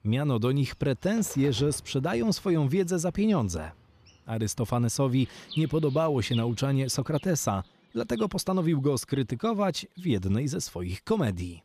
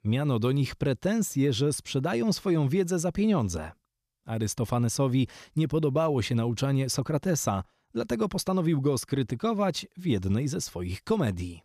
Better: second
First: animal sounds; noticeable; throughout; 20 dB below the speech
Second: none

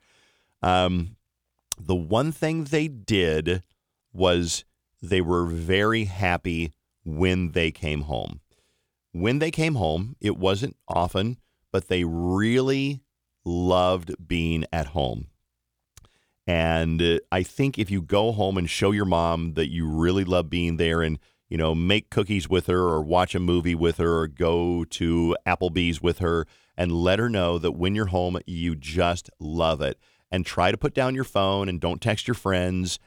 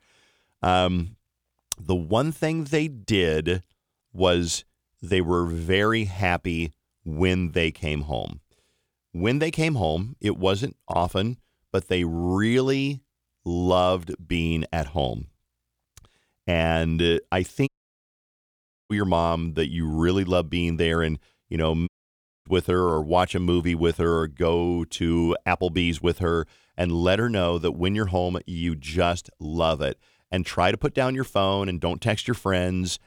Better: first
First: none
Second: audio cutting out; at 18 s for 1 s and at 22 s for 0.5 s

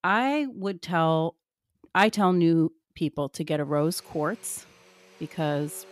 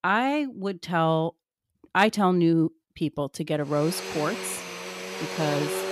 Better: first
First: household noises; faint; from 4 s on; 25 dB below the speech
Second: household noises; loud; from 4 s on; 7 dB below the speech

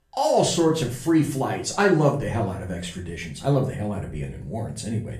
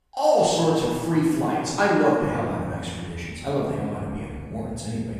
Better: first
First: room echo; slight; dies away in 0.4 s // off-mic speech; far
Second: room echo; strong; dies away in 1.7 s // off-mic speech; far

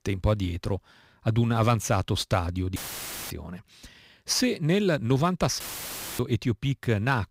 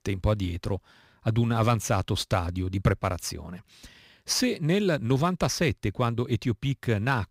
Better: second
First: audio cutting out; filled with static; at 3 s for 0.5 s and at 5.5 s for 0.5 s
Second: none

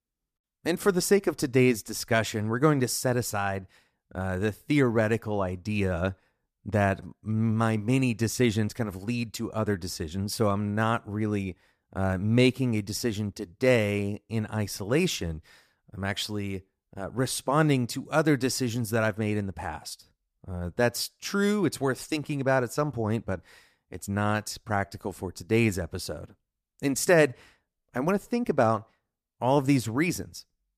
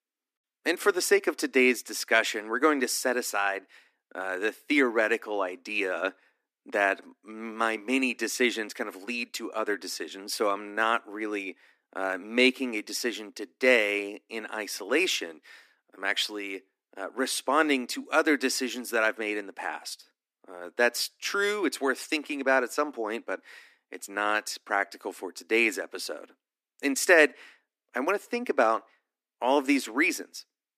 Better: first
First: none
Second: thin; somewhat; fading below 250 Hz

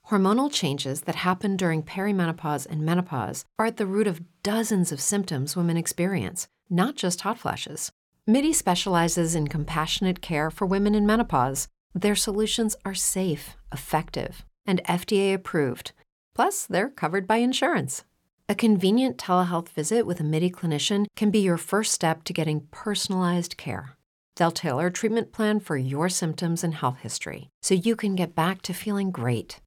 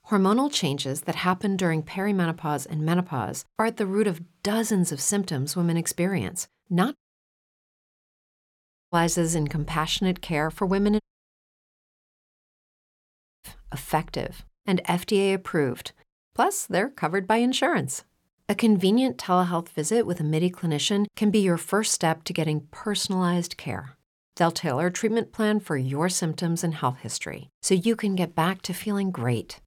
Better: first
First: none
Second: audio cutting out; at 7 s for 2 s and at 11 s for 2.5 s

